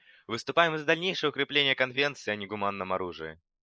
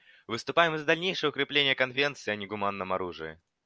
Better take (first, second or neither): second